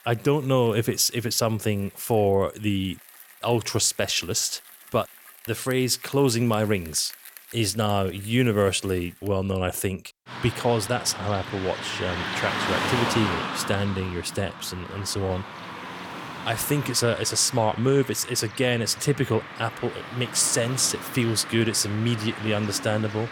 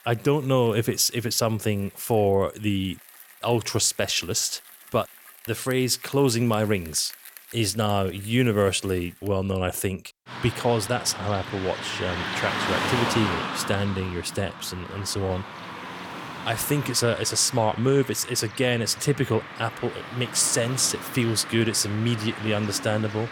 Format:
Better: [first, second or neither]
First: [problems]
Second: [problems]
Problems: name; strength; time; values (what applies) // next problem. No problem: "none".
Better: neither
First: traffic noise; loud; throughout; 9 dB below the speech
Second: traffic noise; loud; throughout; 9 dB below the speech